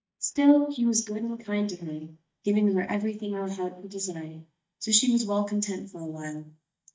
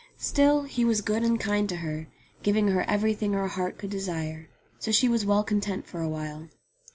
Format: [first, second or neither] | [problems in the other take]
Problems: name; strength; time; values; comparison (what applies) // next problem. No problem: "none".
second | noise reduction (neural mask model DeepFilterNet 3)